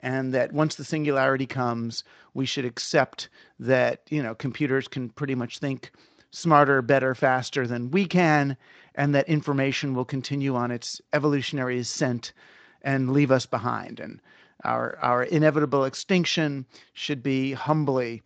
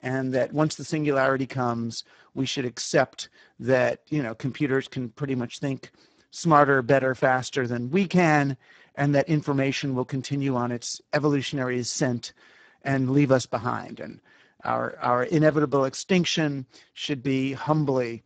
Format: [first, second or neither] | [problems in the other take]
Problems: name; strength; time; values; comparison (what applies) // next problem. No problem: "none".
first | garbled, watery; badly; nothing above 7.5 kHz; slightly in the first